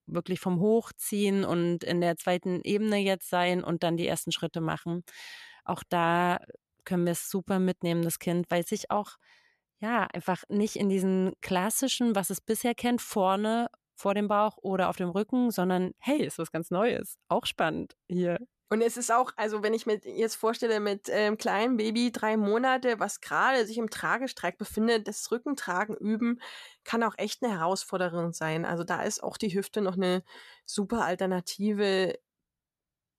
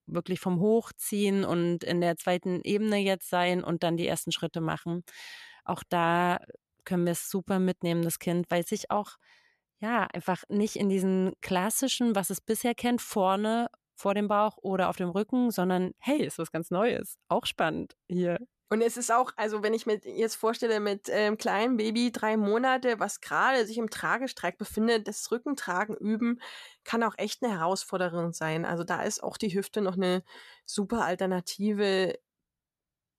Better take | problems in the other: neither | none

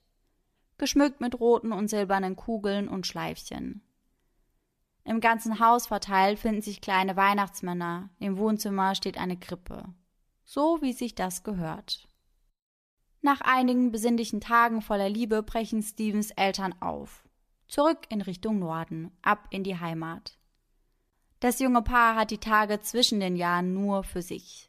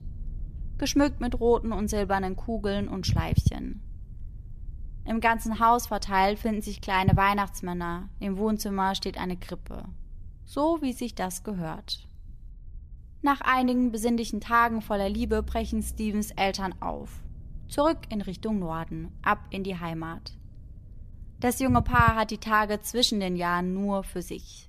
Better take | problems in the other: first | low rumble; faint; throughout; 20 dB below the speech

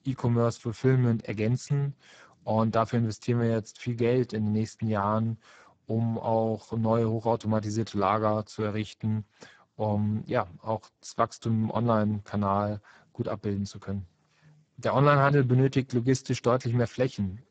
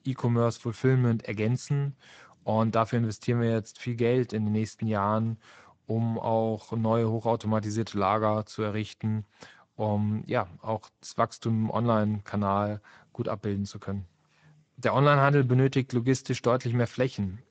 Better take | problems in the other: second | garbled, watery; badly; nothing above 7.5 kHz; slightly in the second

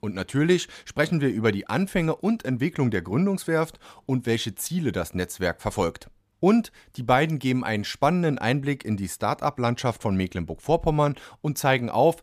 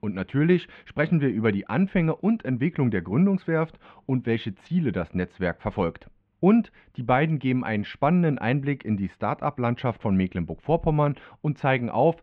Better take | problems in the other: first | muffled; very; fading above 2.5 kHz

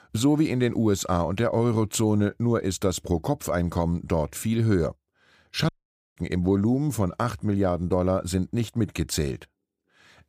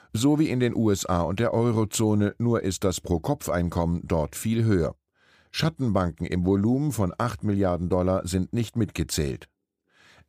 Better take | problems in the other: second | audio cutting out; at 5.5 s

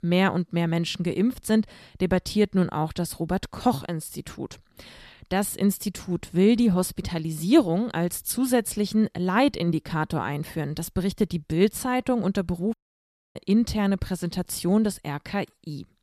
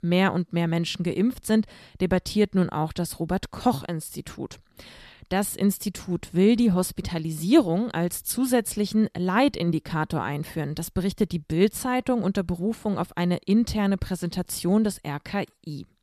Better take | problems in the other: second | audio cutting out; at 13 s for 0.5 s

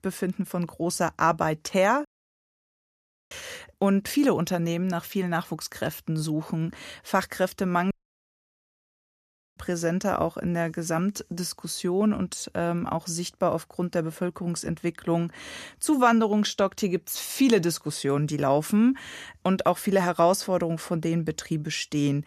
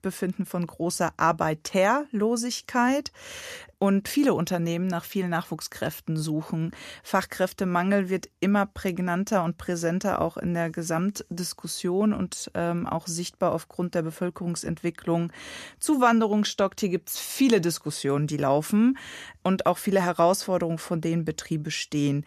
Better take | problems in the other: second | audio cutting out; at 2 s for 1.5 s and at 8 s for 1.5 s

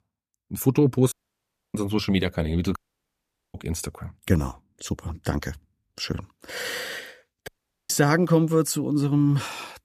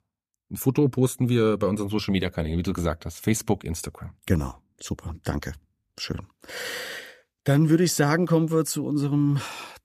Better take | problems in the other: second | audio cutting out; at 1 s for 0.5 s, at 3 s for 1 s and at 7.5 s

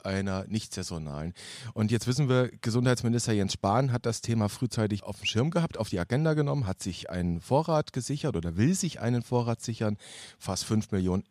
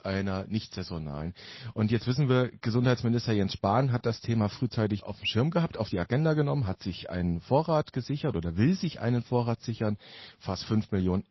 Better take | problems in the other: first | garbled, watery; slightly; nothing above 5.5 kHz

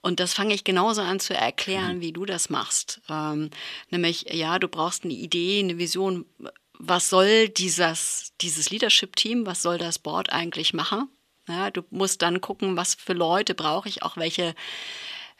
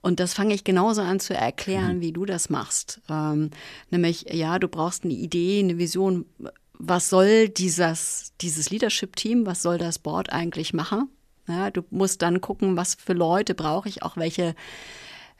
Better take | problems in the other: second | thin; very slightly; fading below 300 Hz

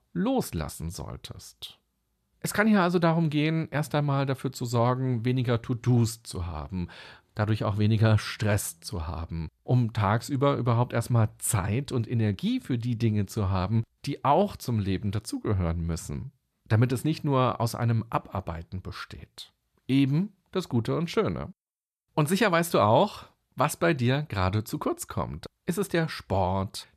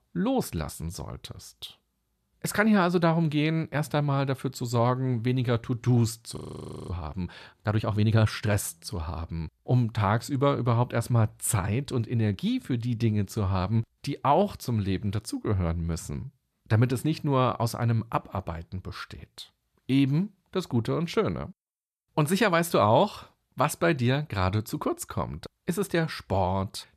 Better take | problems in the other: first | audio freezing; at 6.5 s for 0.5 s

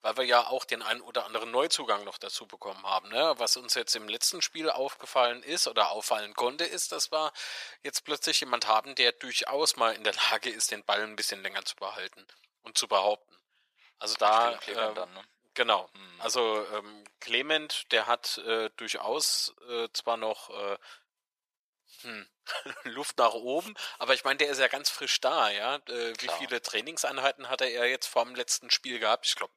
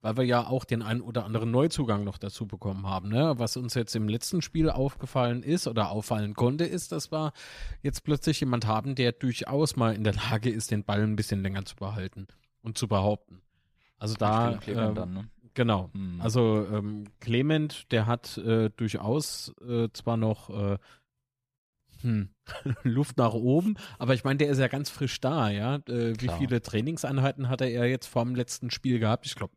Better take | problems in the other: second | thin; very; fading below 600 Hz

